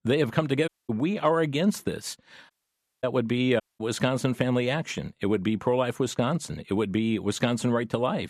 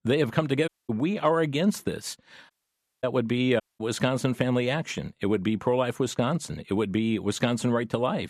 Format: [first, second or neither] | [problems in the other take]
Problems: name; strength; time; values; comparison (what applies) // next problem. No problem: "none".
neither | audio cutting out; at 0.5 s, at 2.5 s for 0.5 s and at 3.5 s; the same in both